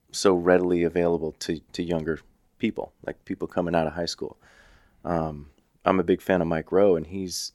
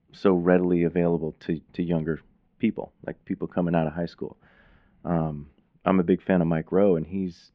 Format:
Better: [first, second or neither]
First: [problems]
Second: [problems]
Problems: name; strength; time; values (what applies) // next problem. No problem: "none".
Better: first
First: none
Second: muffled; very; fading above 3 kHz